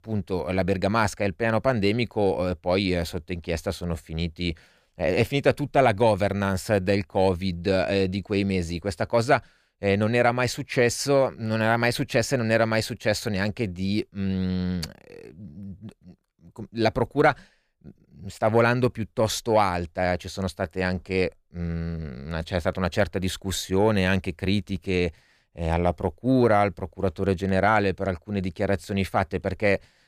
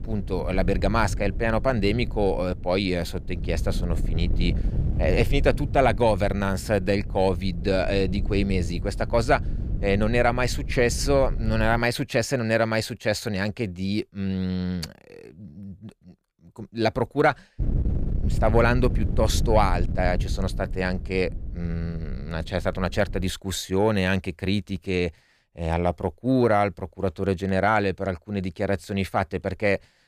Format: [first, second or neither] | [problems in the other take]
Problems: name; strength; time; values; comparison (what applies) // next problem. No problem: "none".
first | wind noise on the microphone; occasional gusts; until 12 s and from 18 to 23 s; 20 dB below the speech